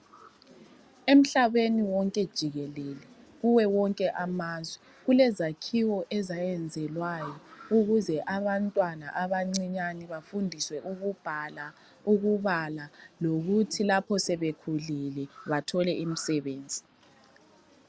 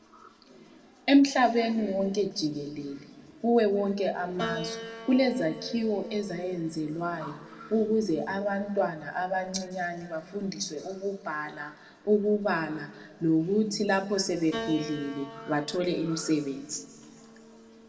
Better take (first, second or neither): first